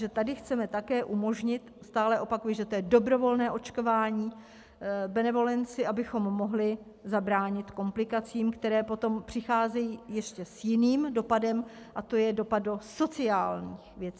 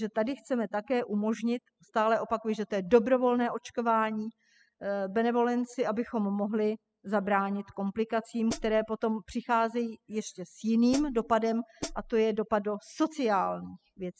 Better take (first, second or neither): first